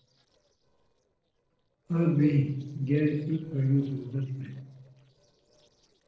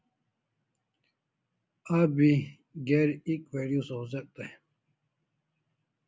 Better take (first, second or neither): second